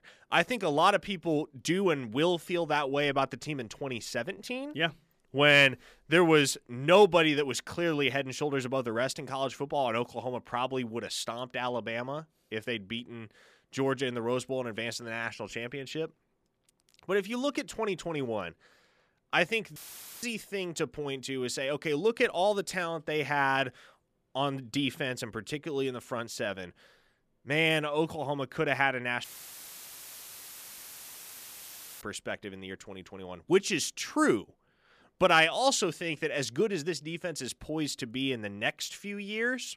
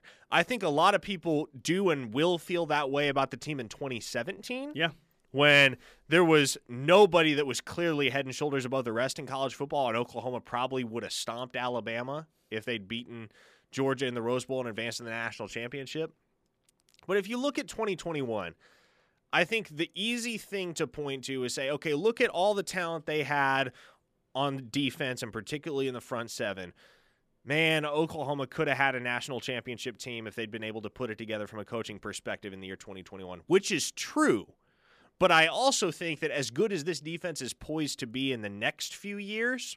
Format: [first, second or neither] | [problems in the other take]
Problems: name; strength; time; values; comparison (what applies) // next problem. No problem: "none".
second | audio cutting out; filled with static; at 20 s and at 29 s for 3 s